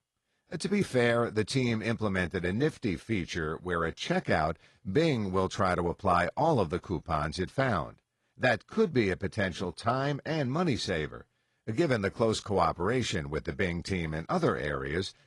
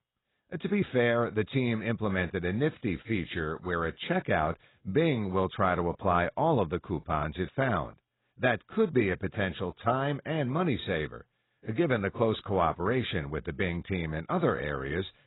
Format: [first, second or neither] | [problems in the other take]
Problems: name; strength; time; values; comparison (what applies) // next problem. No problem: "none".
first | garbled, watery; badly; nothing above 4 kHz; slightly in the first